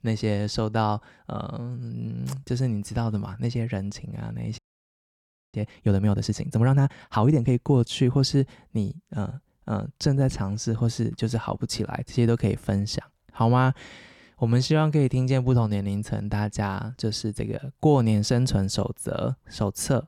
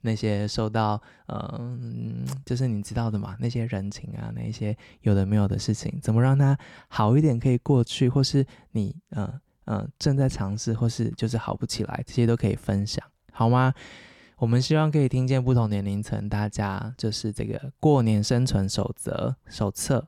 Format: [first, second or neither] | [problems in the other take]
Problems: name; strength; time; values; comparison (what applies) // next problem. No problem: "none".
second | audio freezing; at 4.5 s for 1 s